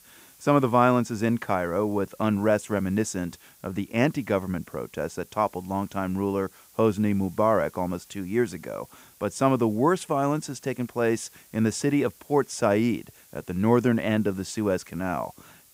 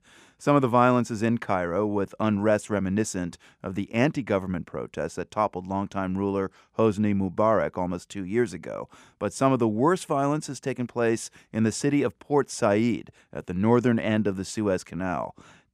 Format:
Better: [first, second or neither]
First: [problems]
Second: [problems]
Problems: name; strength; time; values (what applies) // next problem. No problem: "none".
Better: second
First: hiss; faint; throughout; 25 dB below the speech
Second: none